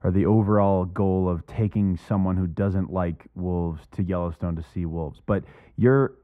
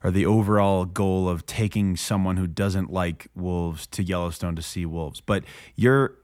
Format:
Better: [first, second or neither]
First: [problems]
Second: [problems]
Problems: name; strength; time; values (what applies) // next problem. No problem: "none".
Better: second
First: muffled; very; fading above 2.5 kHz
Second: none